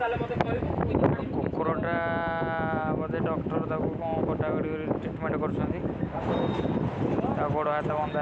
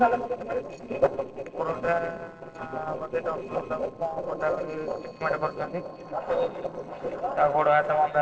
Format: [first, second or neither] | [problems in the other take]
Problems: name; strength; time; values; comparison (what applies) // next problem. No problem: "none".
first | noise reduction (neural separator model SepFormer DNS4)